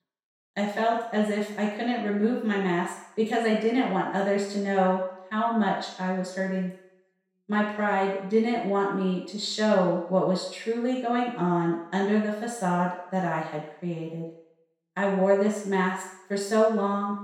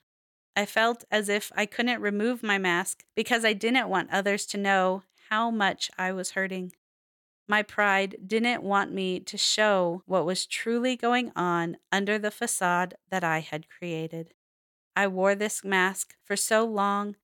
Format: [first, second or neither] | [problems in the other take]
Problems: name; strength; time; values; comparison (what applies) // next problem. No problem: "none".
second | room echo; noticeable; dies away in 0.7 s // off-mic speech; far